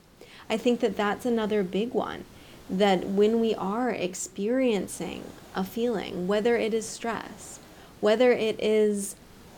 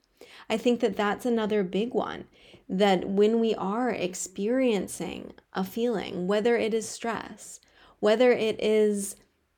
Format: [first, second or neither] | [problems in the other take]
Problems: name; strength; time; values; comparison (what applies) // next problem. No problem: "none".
second | hiss; faint; throughout; 25 dB below the speech